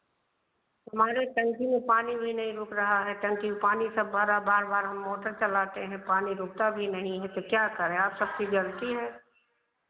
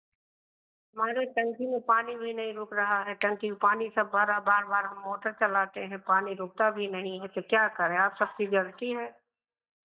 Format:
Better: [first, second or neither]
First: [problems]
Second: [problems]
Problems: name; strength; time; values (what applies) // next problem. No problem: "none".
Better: first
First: none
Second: noise reduction (neural mask model DeepFilterNet 3)